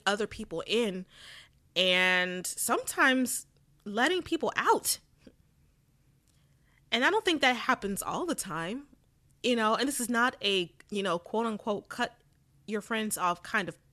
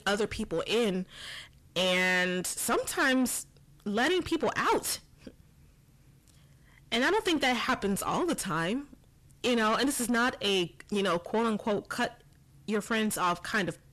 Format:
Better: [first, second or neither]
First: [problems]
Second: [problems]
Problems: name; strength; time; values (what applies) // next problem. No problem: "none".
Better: first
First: none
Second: distortion; heavy; 7 dB below the speech